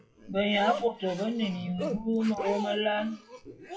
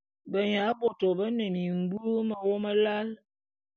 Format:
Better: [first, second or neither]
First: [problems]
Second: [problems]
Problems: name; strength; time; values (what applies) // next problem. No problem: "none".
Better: second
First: noise reduction (classical method WPE with log-MMSE)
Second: none